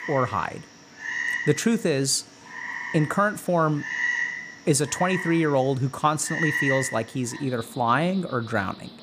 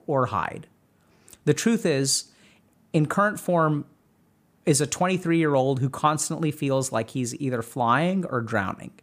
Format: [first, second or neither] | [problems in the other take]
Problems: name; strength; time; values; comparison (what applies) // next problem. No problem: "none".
second | animal sounds; loud; throughout; 4 dB below the speech